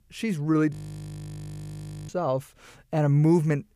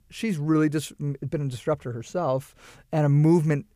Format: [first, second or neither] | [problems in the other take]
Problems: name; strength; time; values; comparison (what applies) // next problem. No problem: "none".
second | audio freezing; at 0.5 s for 1.5 s